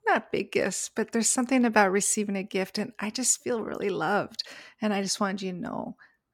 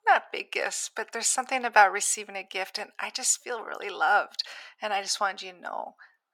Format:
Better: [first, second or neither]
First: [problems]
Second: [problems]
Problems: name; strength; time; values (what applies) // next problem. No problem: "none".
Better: first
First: none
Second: thin; very; fading below 700 Hz